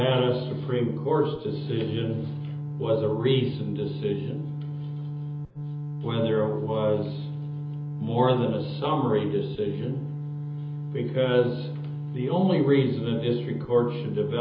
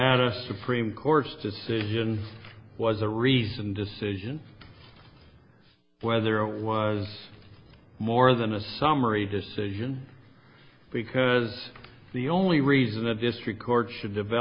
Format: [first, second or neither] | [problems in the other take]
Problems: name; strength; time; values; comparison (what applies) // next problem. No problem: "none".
second | background sound (Organ); 6 dB below the speech // room echo; dies away in 0.7 s